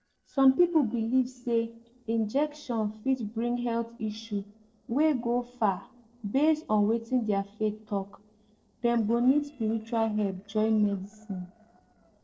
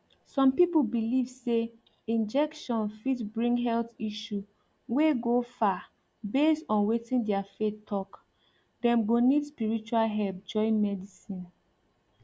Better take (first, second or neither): second